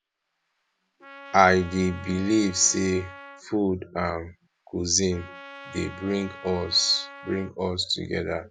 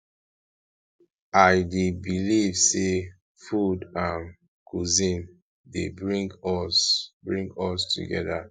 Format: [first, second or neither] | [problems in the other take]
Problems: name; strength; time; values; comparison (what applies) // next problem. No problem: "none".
second | background sound (Trumpet); 19 dB below the speech